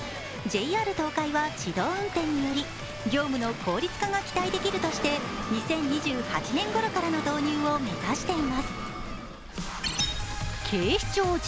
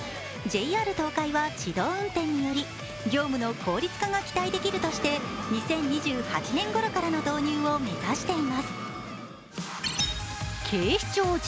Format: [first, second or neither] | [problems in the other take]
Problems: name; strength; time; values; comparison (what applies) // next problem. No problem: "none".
second | background sound (Waves, surf); 12 dB below the speech